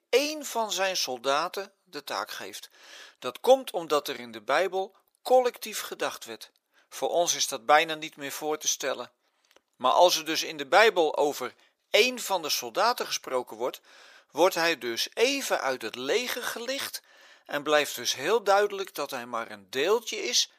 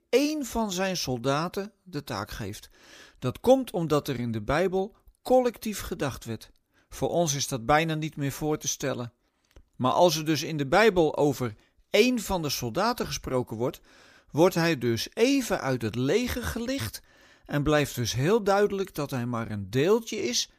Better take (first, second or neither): second